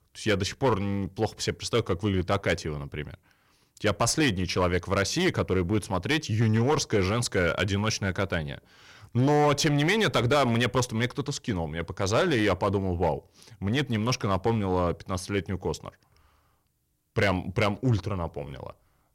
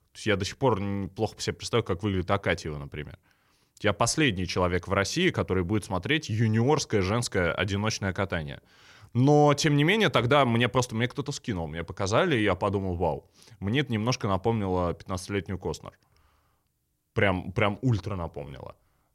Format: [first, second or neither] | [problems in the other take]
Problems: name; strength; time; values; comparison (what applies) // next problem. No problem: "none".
second | distortion; slight; 6% of the sound clipped